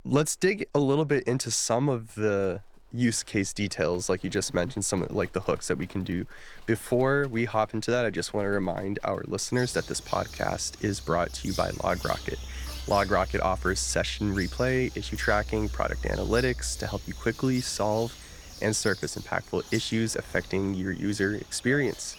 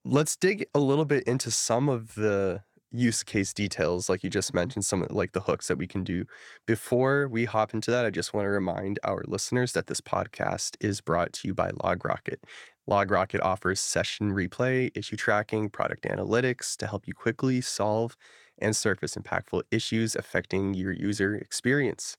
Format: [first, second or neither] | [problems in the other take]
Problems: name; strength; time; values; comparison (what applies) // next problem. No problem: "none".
second | animal sounds; noticeable; throughout; 10 dB below the speech